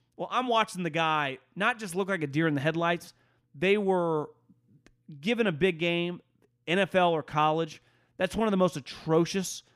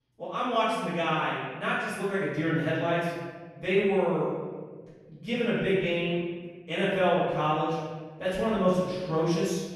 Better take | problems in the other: first | off-mic speech; far // room echo; strong; dies away in 1.3 s

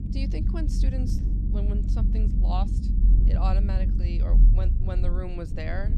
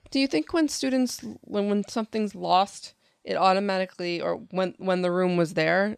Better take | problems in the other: second | low rumble; loud; throughout; 3 dB below the speech

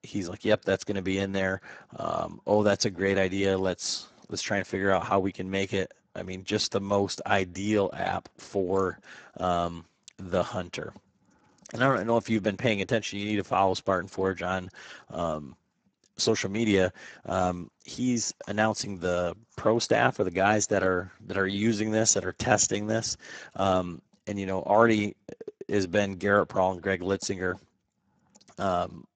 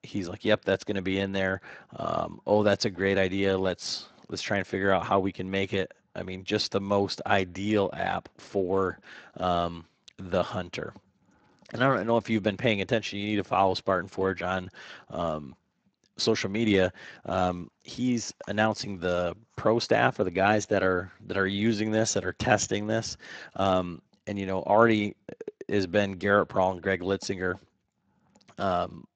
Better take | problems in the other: second | garbled, watery; badly; nothing above 7.5 kHz; slightly in the second

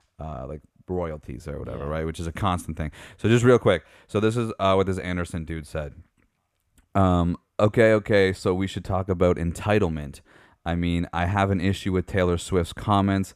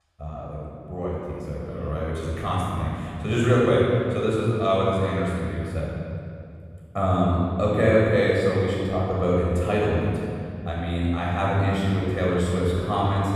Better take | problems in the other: first | off-mic speech; far // room echo; strong; dies away in 2.5 s

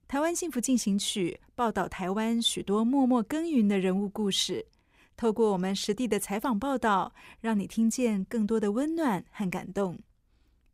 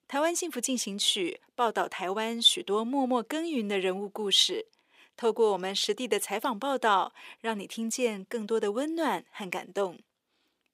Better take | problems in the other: first | thin; somewhat; fading below 400 Hz

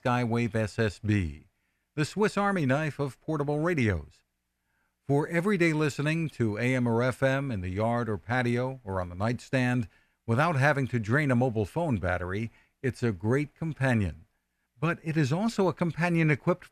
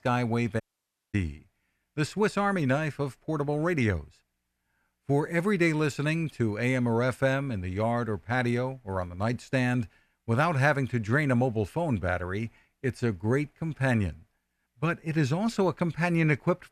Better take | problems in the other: first | audio cutting out; at 0.5 s for 0.5 s

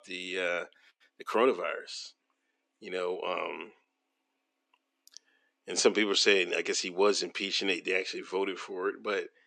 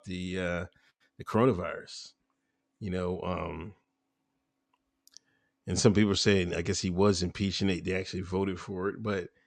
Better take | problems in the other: second | thin; somewhat; fading below 300 Hz

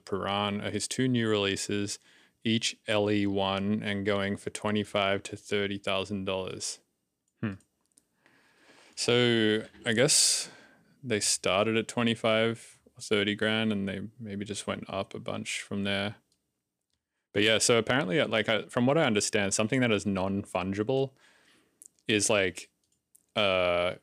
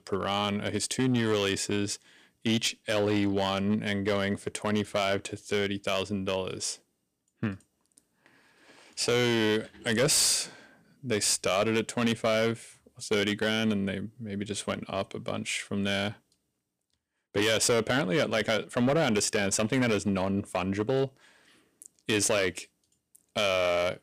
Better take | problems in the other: first | distortion; slight; 5% of the sound clipped

